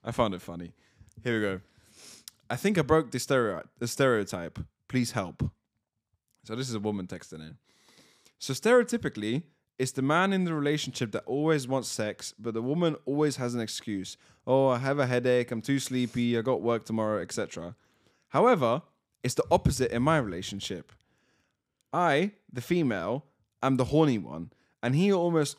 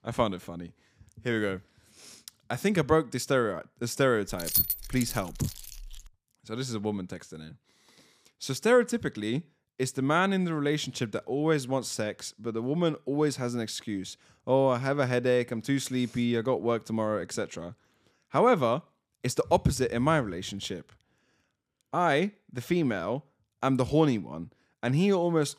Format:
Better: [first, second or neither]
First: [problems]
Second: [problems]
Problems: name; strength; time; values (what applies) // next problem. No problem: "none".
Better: first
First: none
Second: jangling keys; loud; from 4.5 to 6 s; peak 4 dB above the speech